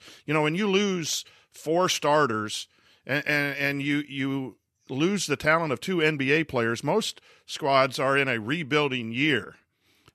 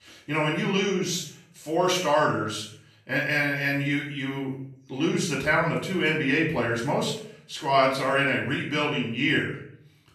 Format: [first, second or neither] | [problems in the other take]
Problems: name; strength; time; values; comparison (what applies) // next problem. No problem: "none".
first | off-mic speech; far // room echo; noticeable; dies away in 0.6 s